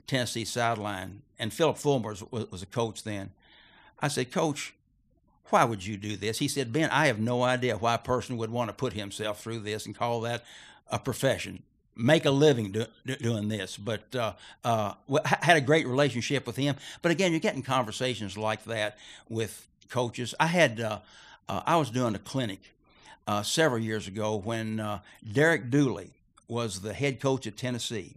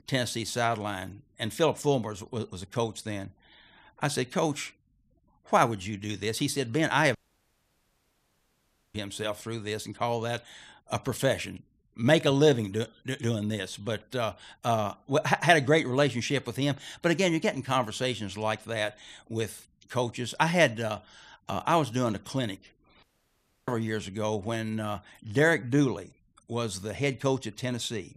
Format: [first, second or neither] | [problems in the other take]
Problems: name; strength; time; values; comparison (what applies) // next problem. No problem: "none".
first | audio cutting out; at 7 s for 2 s and at 23 s for 0.5 s